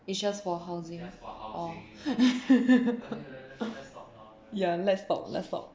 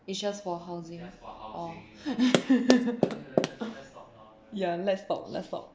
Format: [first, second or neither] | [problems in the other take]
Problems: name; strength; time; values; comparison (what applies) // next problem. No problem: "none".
first | background sound (Run); 2 dB above the speech